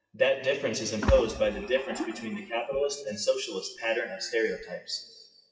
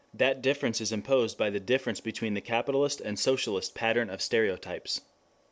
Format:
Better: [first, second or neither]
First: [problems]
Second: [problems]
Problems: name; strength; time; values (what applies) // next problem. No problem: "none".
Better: second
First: noise reduction (classical method WPE with log-MMSE)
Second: none